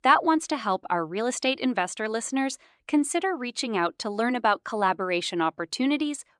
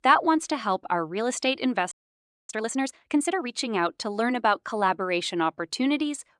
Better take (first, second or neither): first